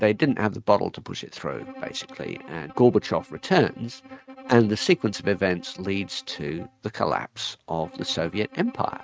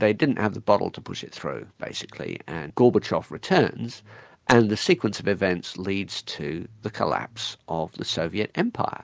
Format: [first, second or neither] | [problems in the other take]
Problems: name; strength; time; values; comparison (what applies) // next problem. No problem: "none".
second | noise reduction (neural mask model RNNoise)